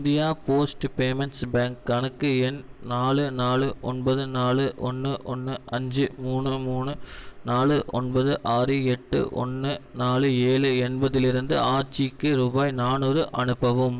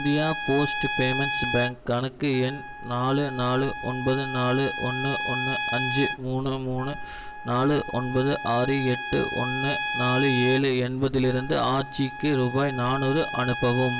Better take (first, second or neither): first